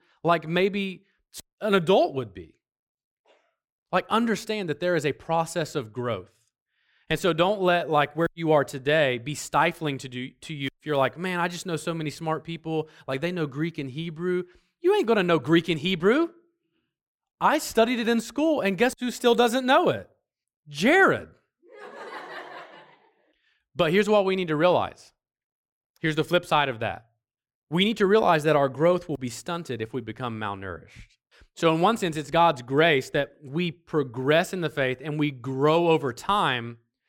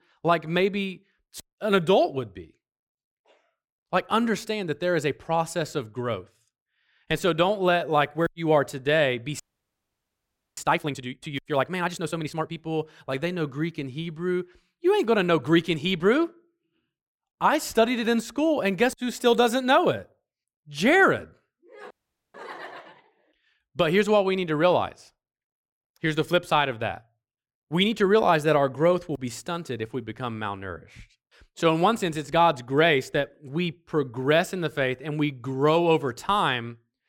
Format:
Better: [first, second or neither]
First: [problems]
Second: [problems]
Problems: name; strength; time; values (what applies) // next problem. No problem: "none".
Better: first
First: none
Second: audio freezing; at 9.5 s for 1 s and at 22 s